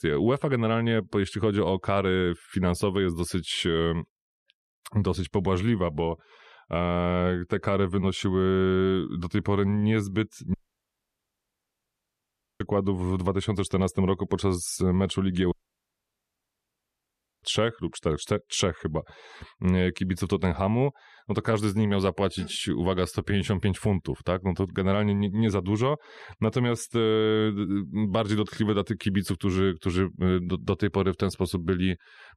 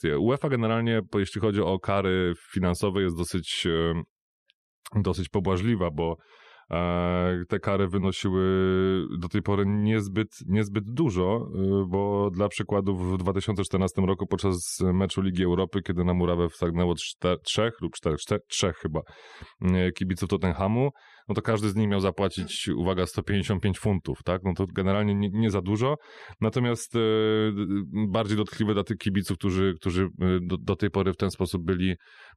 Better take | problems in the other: second | audio cutting out; at 11 s for 2 s and at 16 s for 2 s

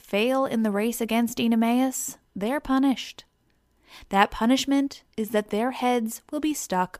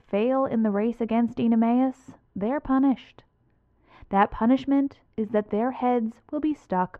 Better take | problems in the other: first | muffled; very; fading above 1.5 kHz

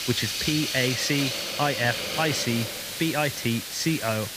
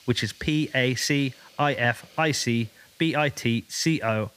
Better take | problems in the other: second | hiss; loud; throughout; 2 dB below the speech; faint in the second

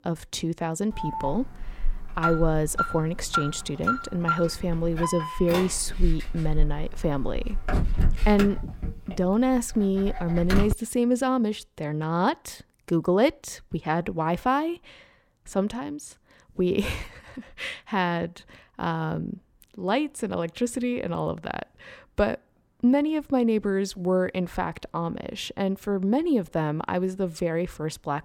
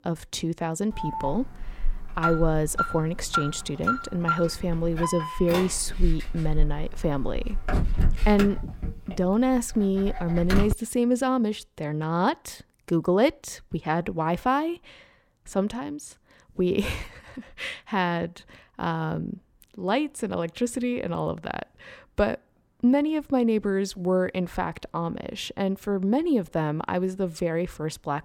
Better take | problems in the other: neither | alarm; loud; from 1 to 11 s; peak 1 dB above the speech; the same in both

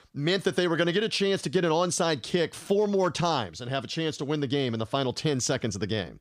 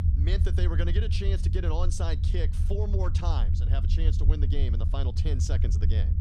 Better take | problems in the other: first | low rumble; loud; throughout; 6 dB below the speech

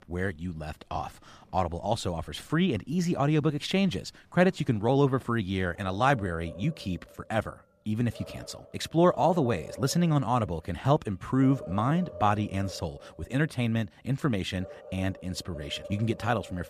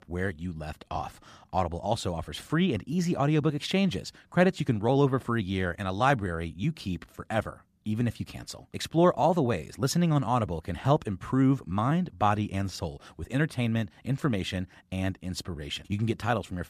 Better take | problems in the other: second | animal sounds; noticeable; throughout; 15 dB below the speech

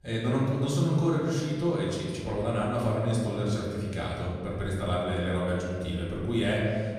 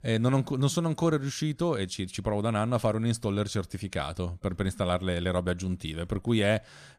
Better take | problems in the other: second | off-mic speech; far // room echo; noticeable; dies away in 1.9 s

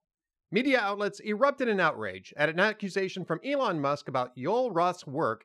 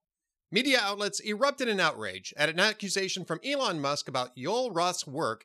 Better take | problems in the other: second | muffled; slightly; fading above 3 kHz

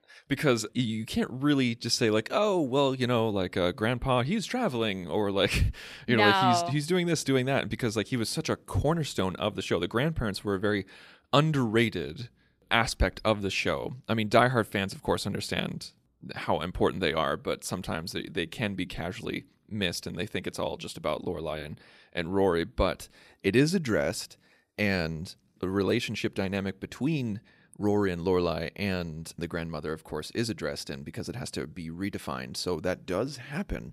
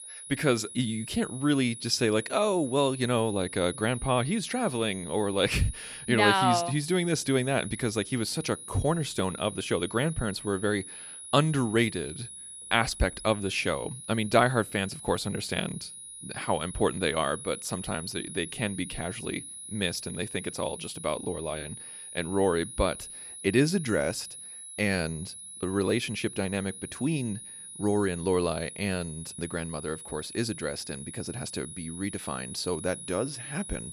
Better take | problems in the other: first | high-pitched whine; noticeable; throughout; 10.5 kHz, 10 dB below the speech

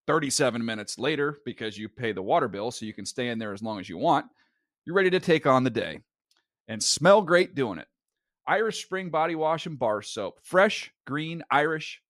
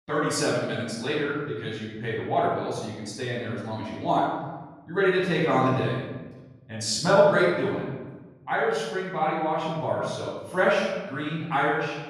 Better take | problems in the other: first | room echo; strong; dies away in 1.3 s // off-mic speech; far

